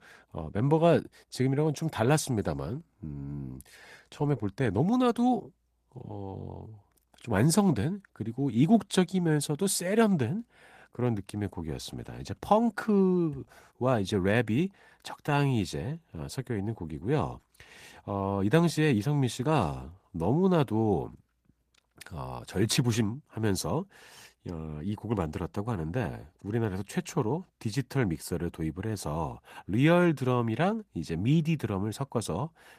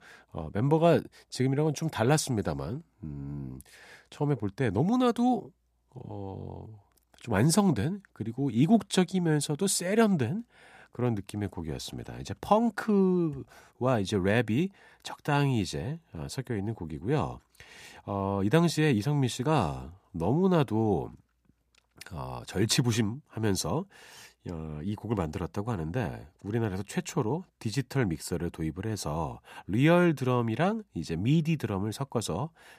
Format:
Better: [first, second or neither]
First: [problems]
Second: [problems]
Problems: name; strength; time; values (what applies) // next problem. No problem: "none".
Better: second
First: garbled, watery; slightly; nothing above 14.5 kHz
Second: none